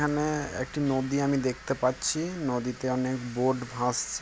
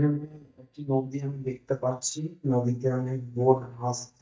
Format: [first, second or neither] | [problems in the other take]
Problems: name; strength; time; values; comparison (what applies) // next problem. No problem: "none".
first | noise reduction (neural mask model DeepFilterNet 3)